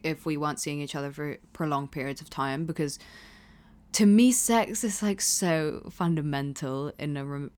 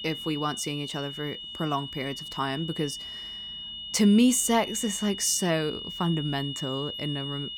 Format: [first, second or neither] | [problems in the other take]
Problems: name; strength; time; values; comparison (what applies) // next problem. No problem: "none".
first | high-pitched whine; loud; throughout; 3 kHz, 8 dB below the speech